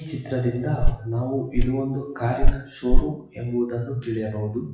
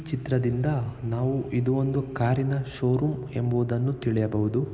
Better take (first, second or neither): second